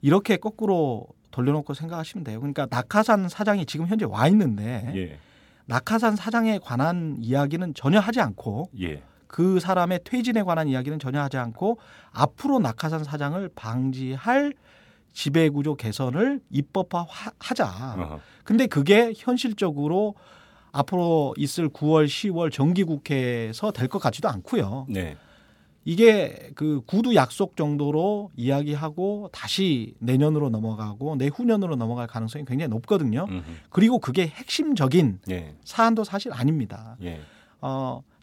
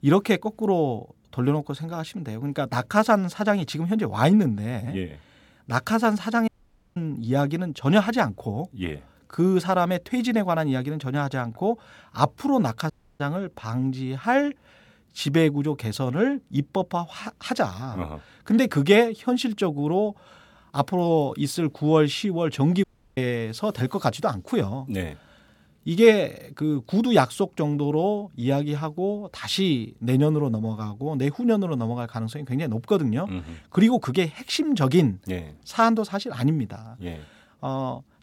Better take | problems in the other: first | audio cutting out; at 6.5 s, at 13 s and at 23 s

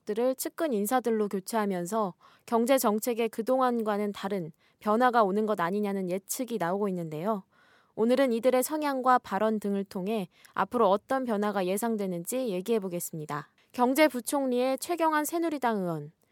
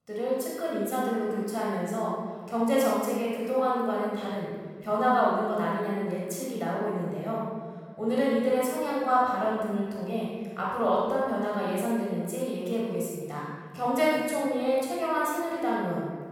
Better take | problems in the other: first | off-mic speech; far // room echo; strong; dies away in 2 s

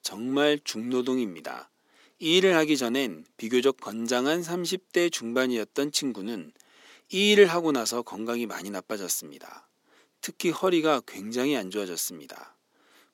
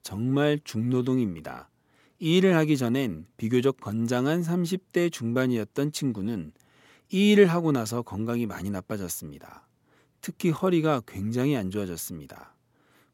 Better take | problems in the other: second | thin; very slightly; fading below 250 Hz

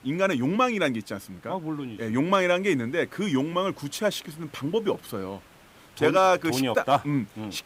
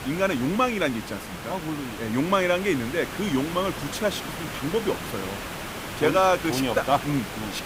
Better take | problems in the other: first | hiss; loud; throughout; 9 dB below the speech; faint in the first

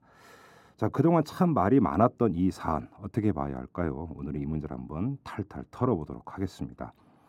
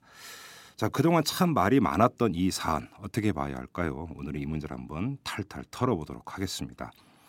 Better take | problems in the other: second | muffled; slightly; fading above 1.5 kHz

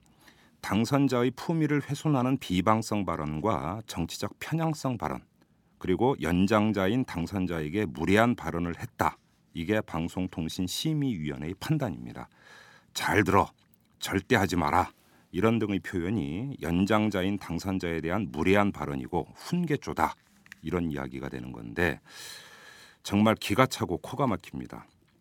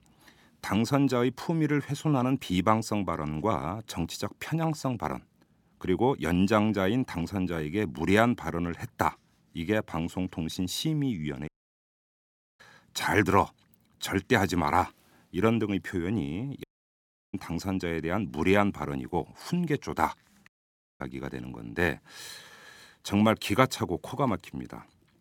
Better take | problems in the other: first | audio cutting out; at 11 s for 1 s, at 17 s for 0.5 s and at 20 s for 0.5 s

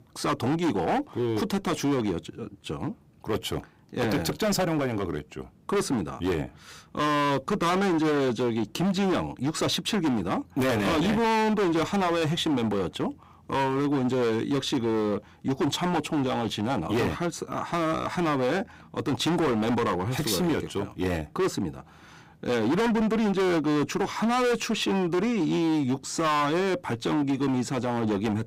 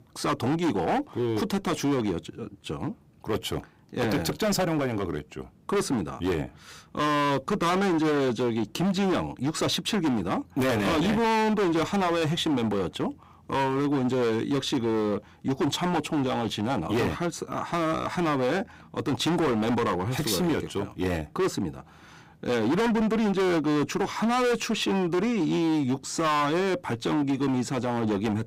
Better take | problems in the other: neither | distortion; heavy; 21% of the sound clipped; the same in both

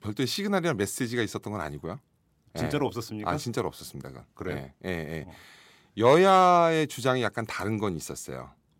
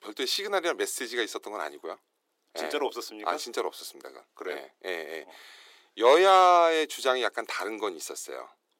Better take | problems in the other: first | thin; very; fading below 350 Hz

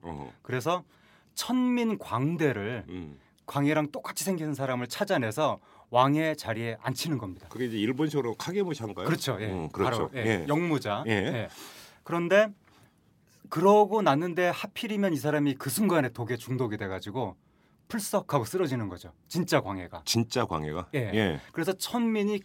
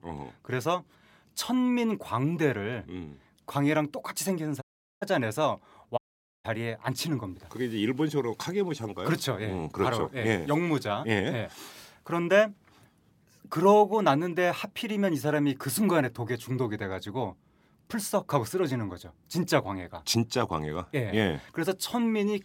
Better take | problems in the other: first | audio cutting out; at 4.5 s and at 6 s

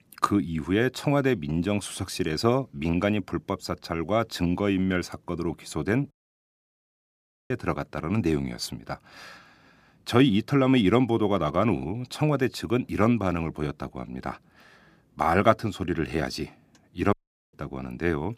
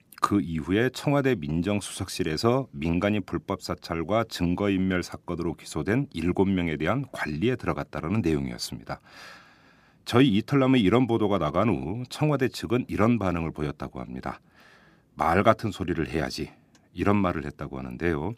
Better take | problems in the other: second | audio cutting out; at 6 s for 1.5 s and at 17 s

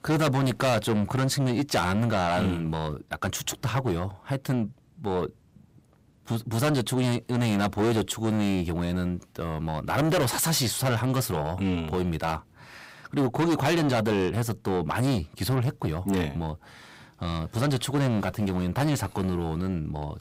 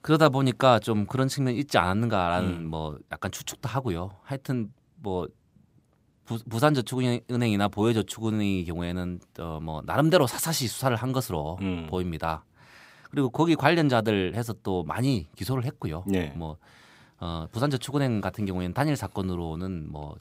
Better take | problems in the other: second | distortion; heavy; 6 dB below the speech

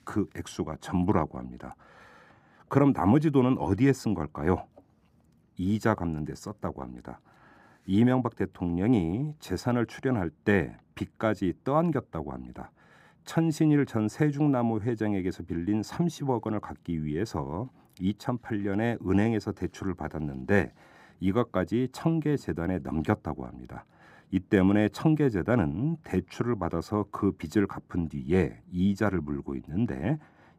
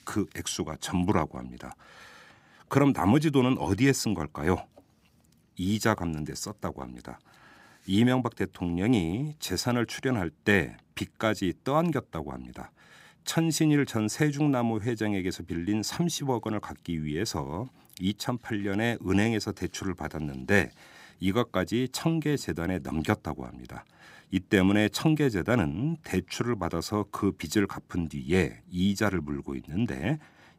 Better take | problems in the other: second | muffled; slightly; fading above 2 kHz

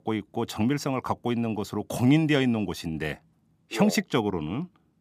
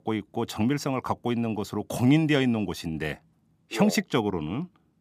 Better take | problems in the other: neither | none

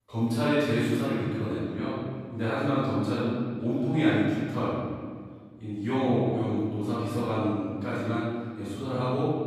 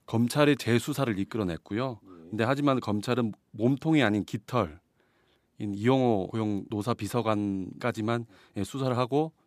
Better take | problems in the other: second | room echo; strong; dies away in 1.8 s // off-mic speech; far

